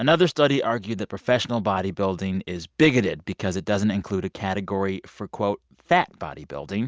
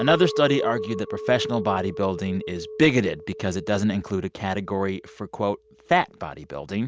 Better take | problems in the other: first | background sound (Chink, clink); 10 dB below the speech

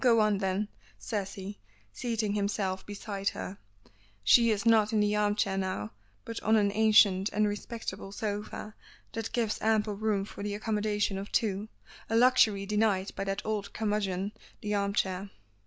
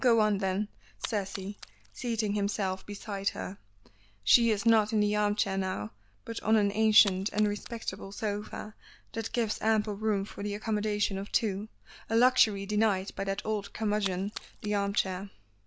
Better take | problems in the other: first | background sound (Splash, splatter); 15 dB below the speech

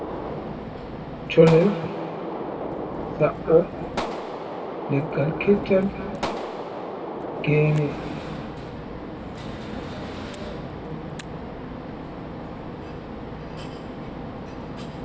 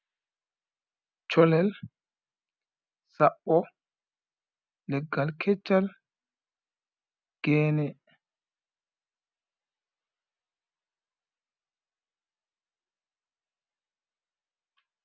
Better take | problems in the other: second | background sound (Gunshot, gunfire); 5 dB below the speech // room echo; dies away in 2.5 s

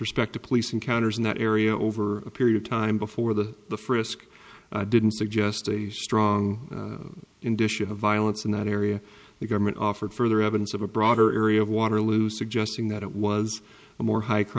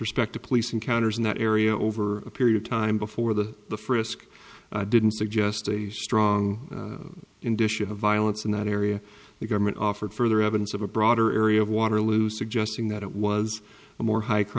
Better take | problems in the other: second | noise reduction (neural mask model Resemble Enhance denoiser)

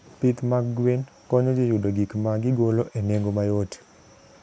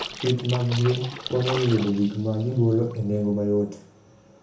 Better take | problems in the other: first | background sound (Splash, splatter); 13 dB below the speech // room echo; dies away in 0.7 s

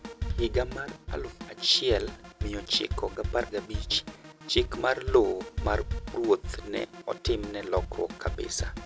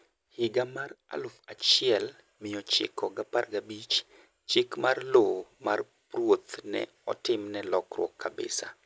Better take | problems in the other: second | background sound (Drum kit); 5 dB below the speech

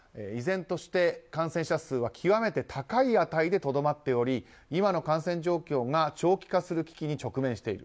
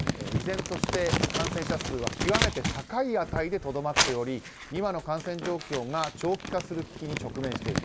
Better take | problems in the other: first | background sound (Crumpling, crinkling); as loud as the speech

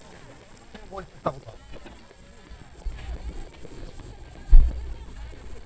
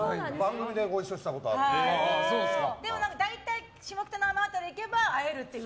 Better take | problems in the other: second | noise reduction (neural mask model DeepFilterNet 3)

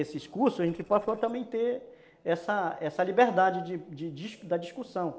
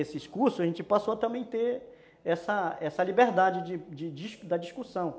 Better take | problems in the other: second | noise reduction (neural separator model SepFormer DNS4)

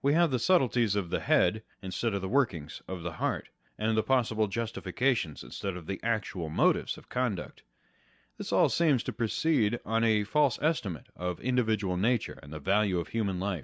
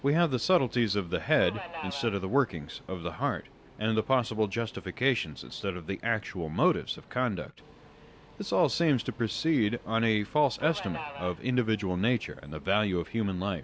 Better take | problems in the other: first | background sound (Subway, metro, underground); 18 dB below the speech

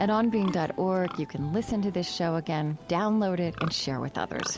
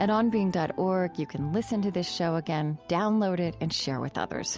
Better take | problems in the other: second | background sound (Livestock, farm animals, working animals); 16 dB below the speech

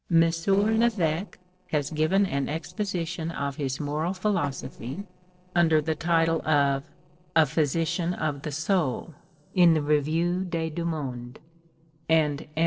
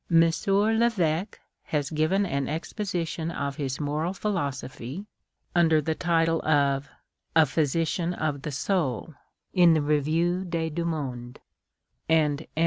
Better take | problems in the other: second | noise reduction (neural separator model SepFormer DNS4)

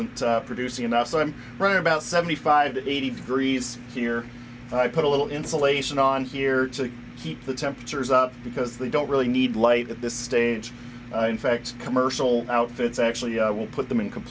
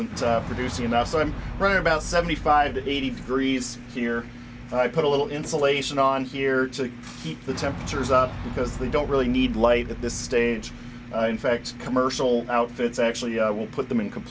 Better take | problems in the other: first | background sound (Boom); 13 dB below the speech

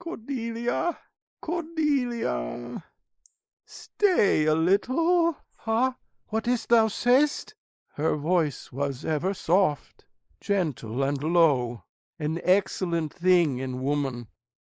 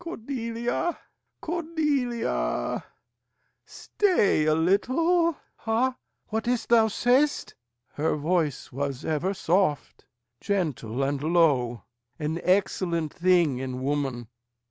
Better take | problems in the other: second | noise reduction (neural mask model Resemble Enhance denoiser)

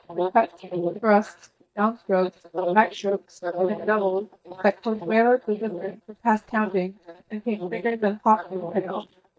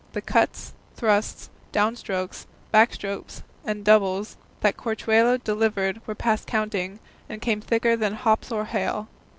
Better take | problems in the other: second | noise reduction (neural mask model DeepFilterNet 3)

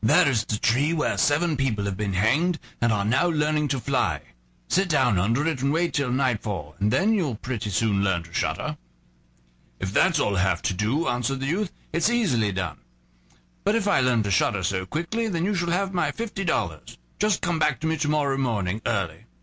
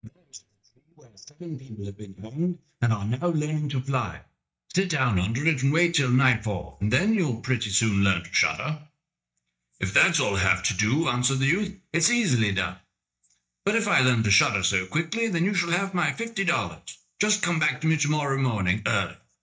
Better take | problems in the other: first | noise reduction (neural mask model DeepFilterNet 3)

